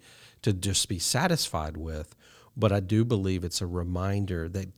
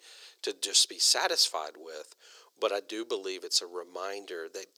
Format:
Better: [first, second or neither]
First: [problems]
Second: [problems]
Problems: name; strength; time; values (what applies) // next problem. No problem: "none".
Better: first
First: none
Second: thin; very; fading below 400 Hz